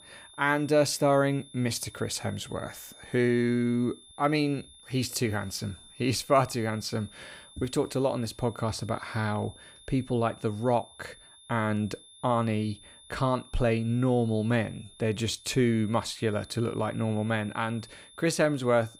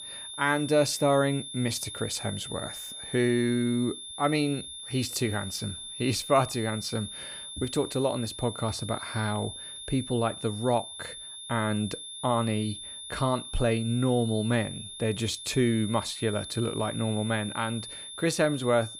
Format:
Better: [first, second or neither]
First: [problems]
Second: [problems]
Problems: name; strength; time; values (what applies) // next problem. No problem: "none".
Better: first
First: high-pitched whine; faint; throughout; 3.5 kHz, 20 dB below the speech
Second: high-pitched whine; loud; throughout; 3.5 kHz, 9 dB below the speech